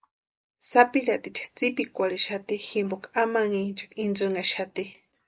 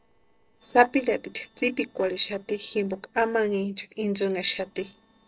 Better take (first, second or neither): first